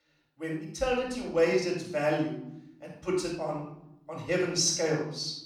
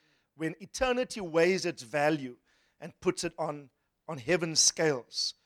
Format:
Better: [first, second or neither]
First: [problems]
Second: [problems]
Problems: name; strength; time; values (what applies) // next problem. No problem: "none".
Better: second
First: off-mic speech; far // room echo; noticeable; dies away in 0.7 s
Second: none